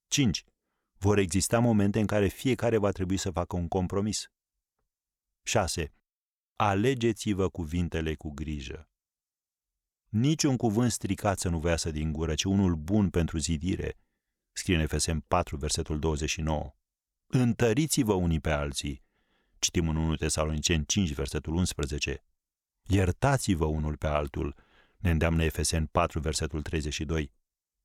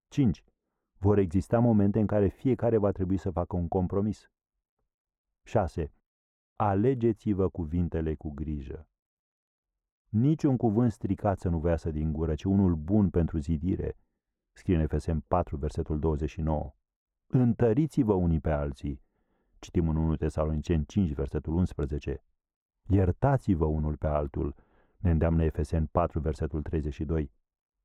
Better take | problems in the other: first | muffled; very; fading above 2 kHz

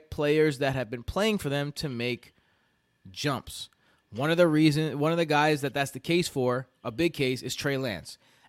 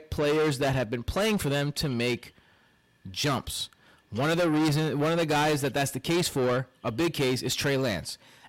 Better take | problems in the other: first | distortion; heavy; 6 dB below the speech

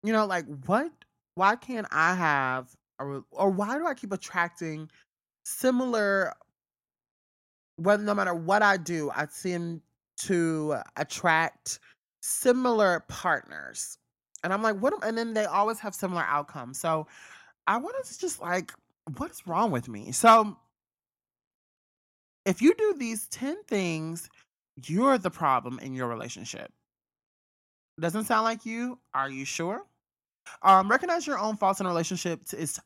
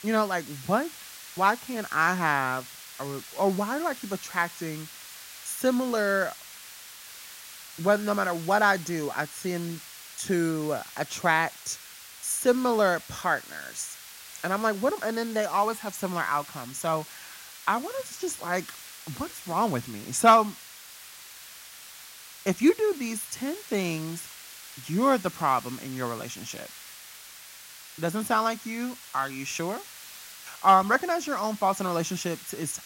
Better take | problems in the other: first | hiss; noticeable; throughout; 15 dB below the speech

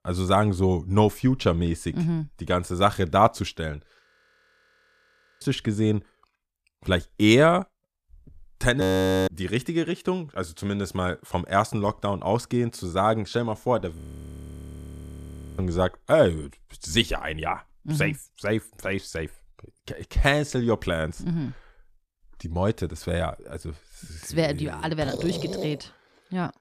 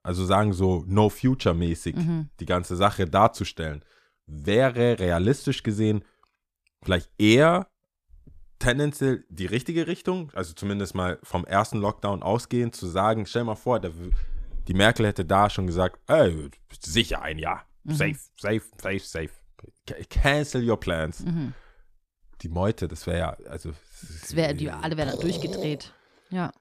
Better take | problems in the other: second | audio freezing; at 4 s for 1.5 s, at 9 s and at 14 s for 1.5 s

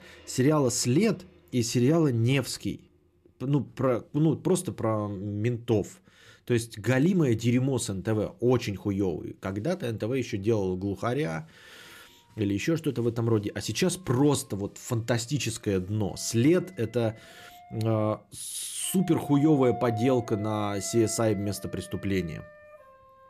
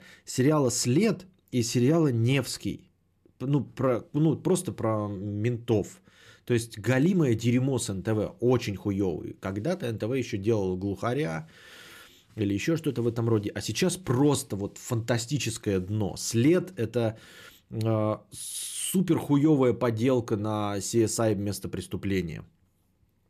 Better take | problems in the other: second | background music; noticeable; throughout; 20 dB below the speech

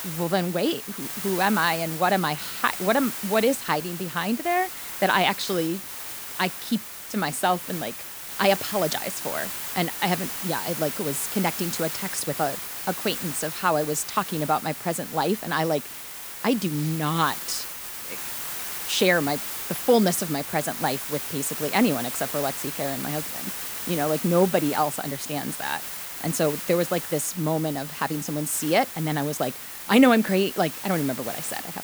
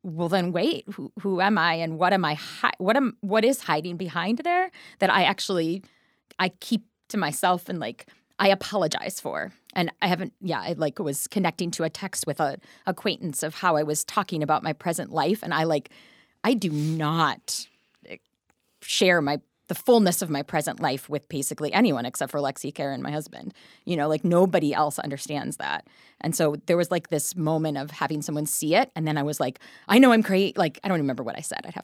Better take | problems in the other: second | hiss; loud; throughout; 6 dB below the speech

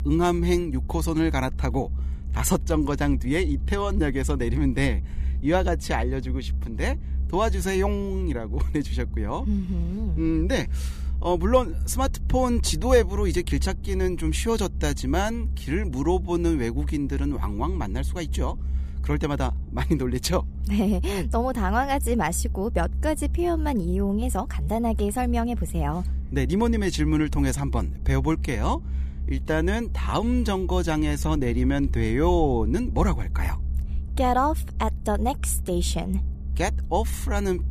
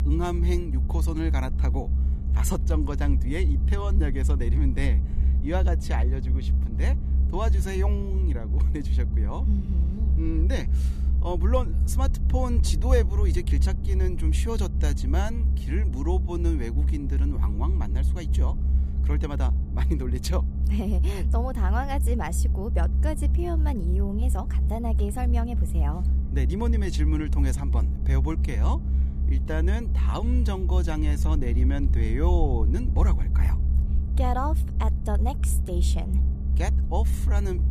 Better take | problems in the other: first | low rumble; loud; throughout; 8 dB below the speech; faint in the first

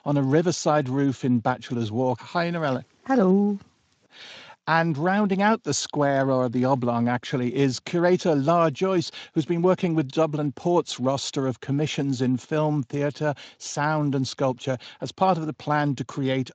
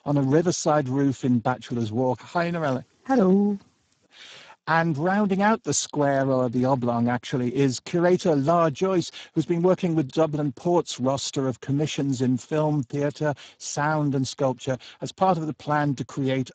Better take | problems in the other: first | garbled, watery; badly; nothing above 7.5 kHz; slightly in the first

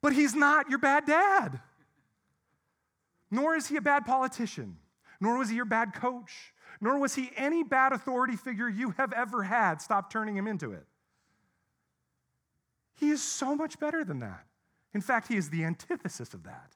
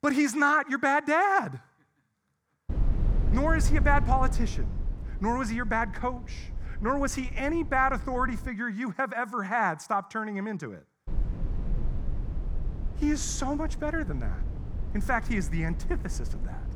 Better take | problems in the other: first | low rumble; faint; from 2.5 to 8.5 s and from 11 s on; 20 dB below the speech

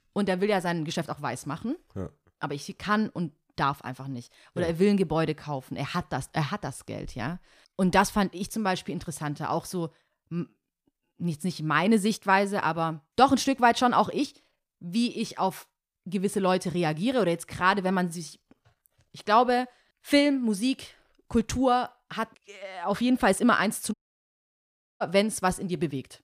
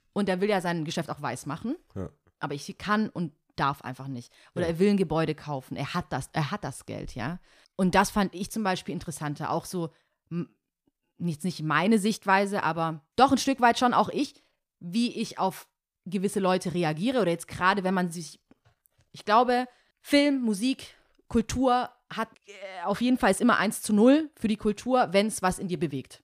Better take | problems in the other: second | audio cutting out; at 24 s for 1 s

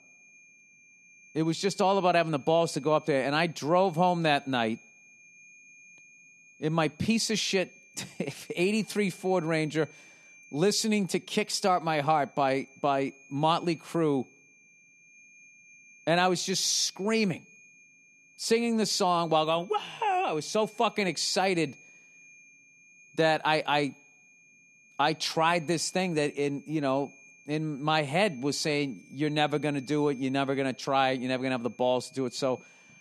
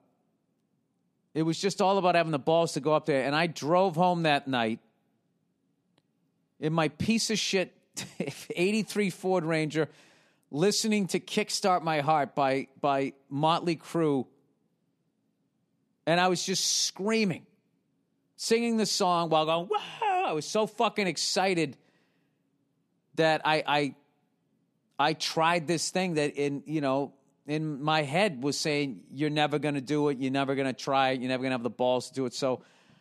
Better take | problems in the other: second | high-pitched whine; faint; throughout; 2.5 kHz, 25 dB below the speech

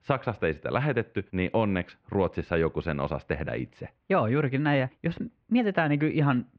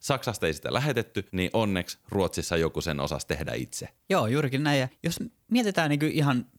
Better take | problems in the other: second | muffled; very; fading above 2.5 kHz

